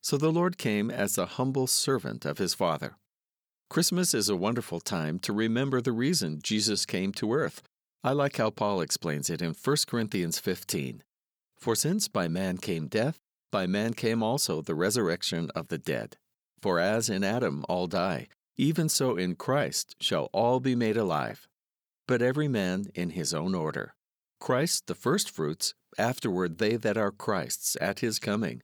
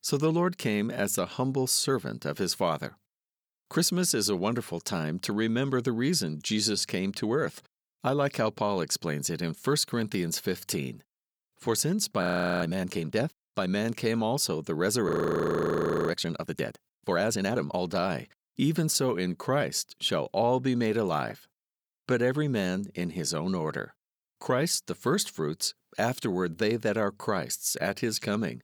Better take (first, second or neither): first